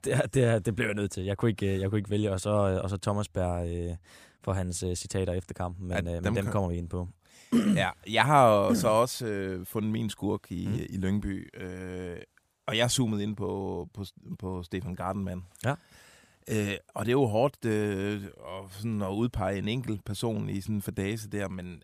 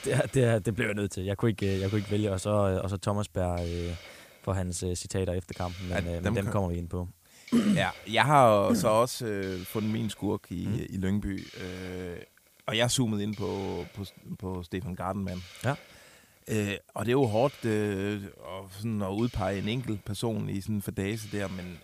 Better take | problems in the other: first | hiss; noticeable; throughout; 20 dB below the speech

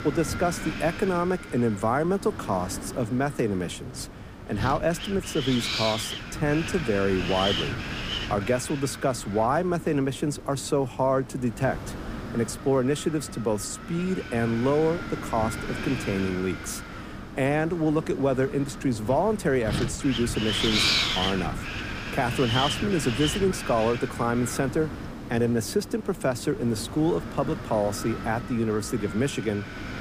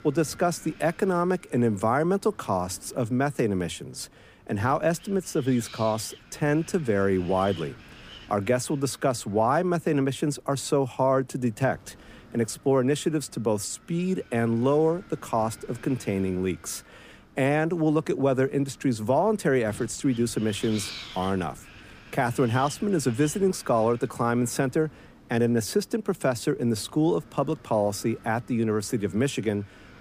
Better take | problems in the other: second | wind noise on the microphone; heavy; 4 dB below the speech; occasional gusts in the second

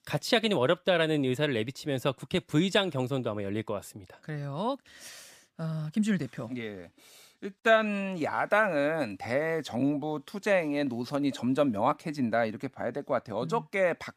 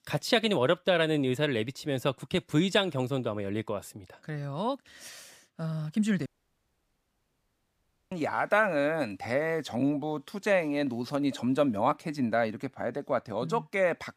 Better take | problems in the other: first | audio cutting out; at 6.5 s for 2 s

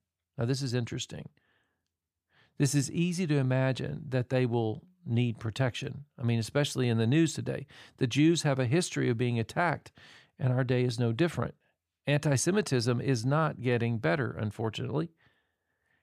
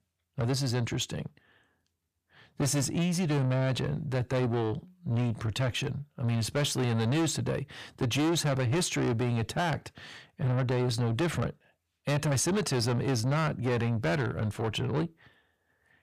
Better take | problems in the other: first | distortion; heavy; 7 dB below the speech

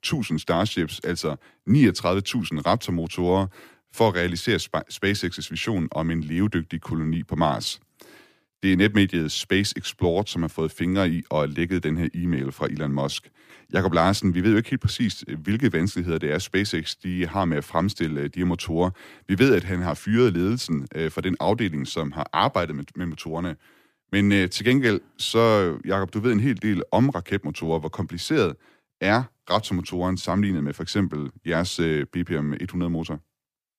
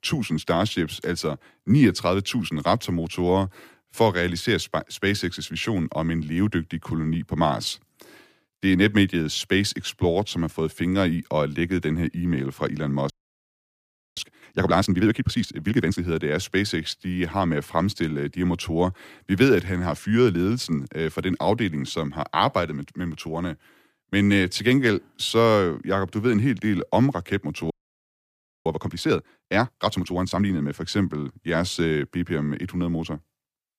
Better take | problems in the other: first | audio freezing; at 13 s for 1 s and at 28 s for 1 s

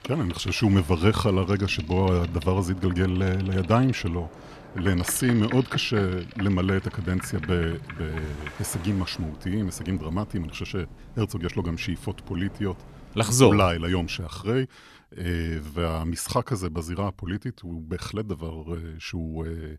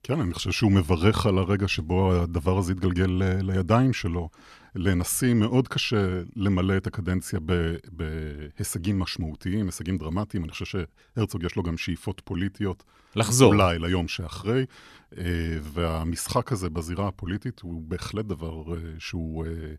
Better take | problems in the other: second | train or aircraft noise; noticeable; until 14 s; 15 dB below the speech

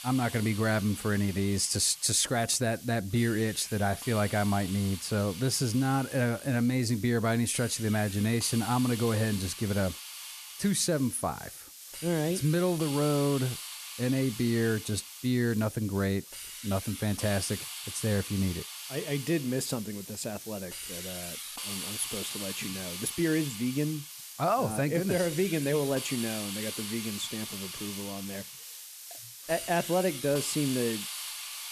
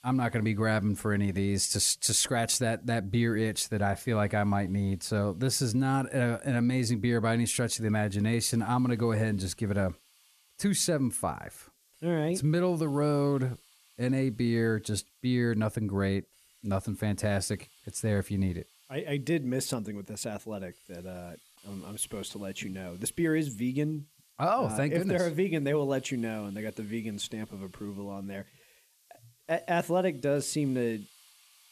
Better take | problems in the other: second | hiss; loud; throughout; 9 dB below the speech; faint in the second

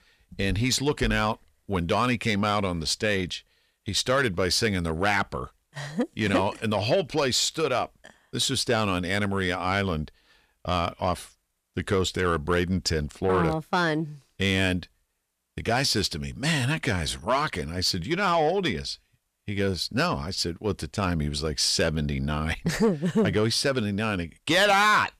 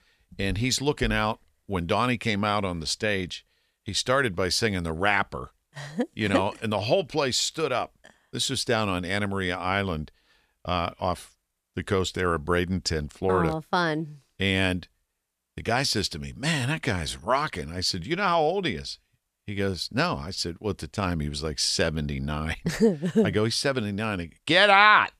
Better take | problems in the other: second | distortion; slight; 10 dB below the speech

